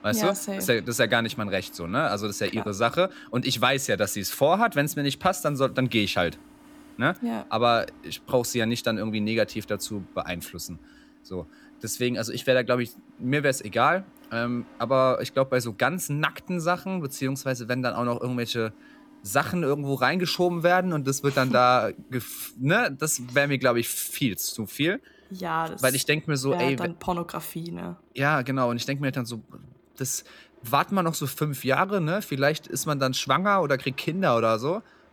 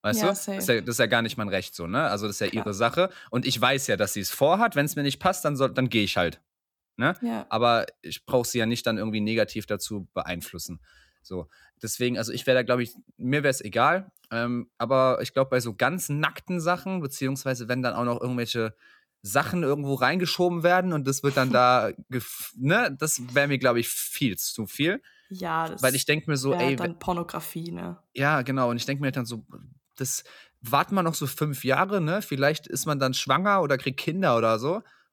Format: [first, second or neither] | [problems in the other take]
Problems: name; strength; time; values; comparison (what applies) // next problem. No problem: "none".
second | train or aircraft noise; faint; throughout; 25 dB below the speech